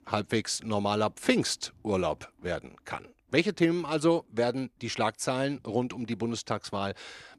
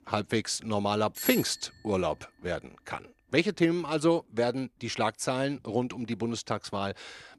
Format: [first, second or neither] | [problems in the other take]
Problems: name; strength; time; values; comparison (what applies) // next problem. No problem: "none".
first | doorbell; noticeable; at 1 s; peak 4 dB below the speech